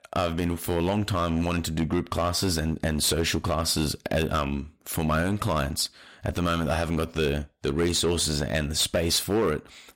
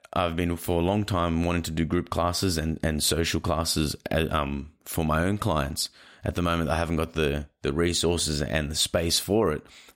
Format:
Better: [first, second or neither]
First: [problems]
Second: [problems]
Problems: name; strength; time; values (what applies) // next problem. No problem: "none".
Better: second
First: distortion; slight; 7% of the sound clipped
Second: none